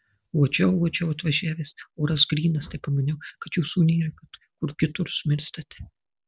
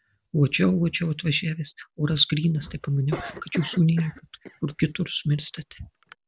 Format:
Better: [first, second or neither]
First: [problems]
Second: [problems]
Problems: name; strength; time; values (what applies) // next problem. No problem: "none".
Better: first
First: none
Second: background sound (Cough); 16 dB below the speech